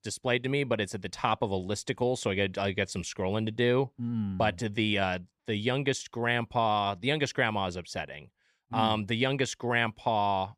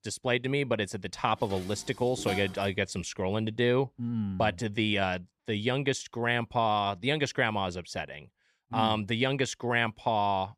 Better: first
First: none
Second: clattering dishes; noticeable; from 1.5 to 2.5 s; peak 9 dB below the speech

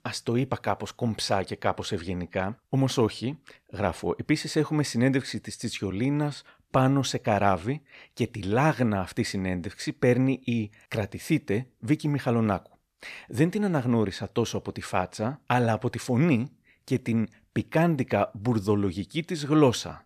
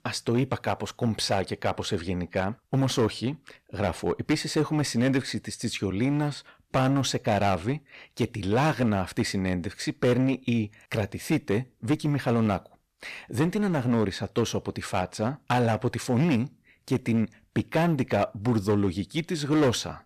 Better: first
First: none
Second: distortion; slight; 7% of the sound clipped

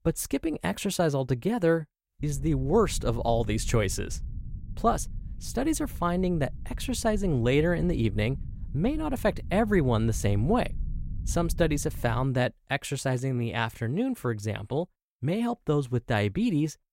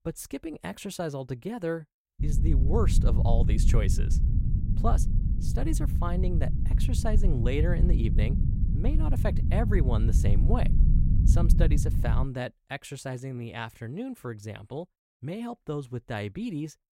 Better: first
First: low rumble; faint; from 2 to 12 s; 25 dB below the speech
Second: low rumble; loud; from 2 to 12 s; 5 dB below the speech

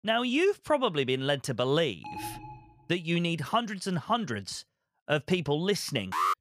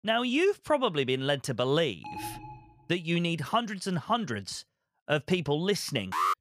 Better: neither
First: alarm; faint; at 2 s; peak 10 dB below the speech // alarm; loud; at 6 s; peak level with the speech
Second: alarm; faint; at 2 s; peak 10 dB below the speech // alarm; loud; at 6 s; peak level with the speech

